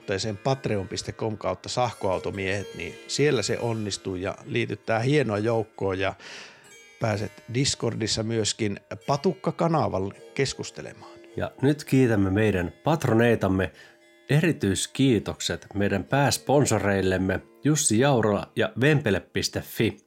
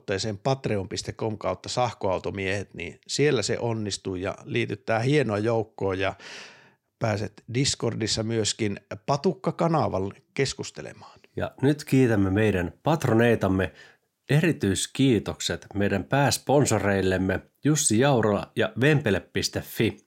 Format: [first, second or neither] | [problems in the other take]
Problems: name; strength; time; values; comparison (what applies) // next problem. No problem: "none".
second | background music; faint; throughout; 25 dB below the speech